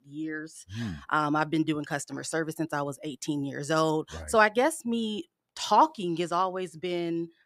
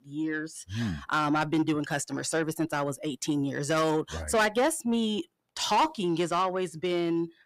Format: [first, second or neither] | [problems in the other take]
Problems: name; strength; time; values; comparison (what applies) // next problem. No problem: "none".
first | distortion; heavy; 8 dB below the speech